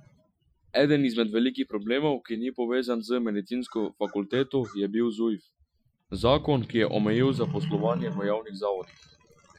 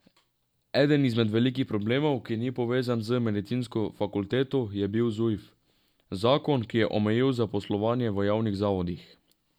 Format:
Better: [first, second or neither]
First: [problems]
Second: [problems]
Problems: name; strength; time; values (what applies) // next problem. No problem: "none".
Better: second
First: noise reduction (classical method Wiener filter)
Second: none